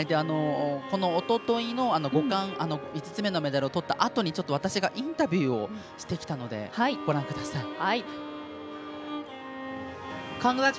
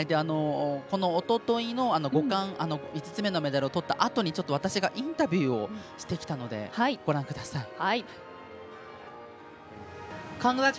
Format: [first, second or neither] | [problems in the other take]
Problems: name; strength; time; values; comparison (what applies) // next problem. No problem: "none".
second | background sound (Bowed string instrument); 13 dB below the speech